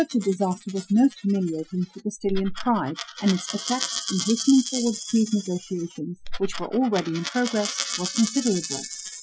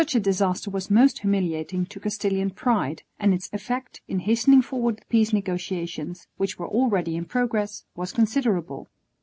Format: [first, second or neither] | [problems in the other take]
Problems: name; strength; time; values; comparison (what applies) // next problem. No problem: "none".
second | noise reduction (classical method Wiener filter)